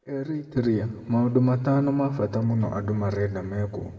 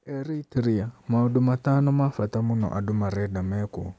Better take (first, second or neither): second